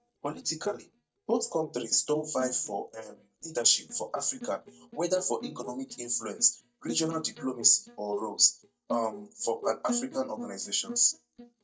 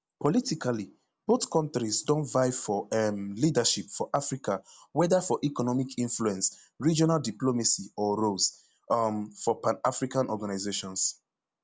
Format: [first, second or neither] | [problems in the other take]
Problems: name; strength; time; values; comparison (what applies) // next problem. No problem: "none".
second | noise reduction (neural mask model DeepFilterNet 3)